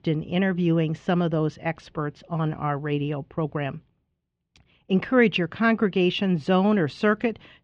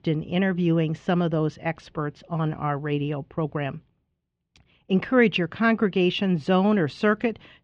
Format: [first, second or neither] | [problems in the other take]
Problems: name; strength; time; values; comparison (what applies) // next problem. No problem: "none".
neither | muffled; slightly; fading above 3.5 kHz; the same in both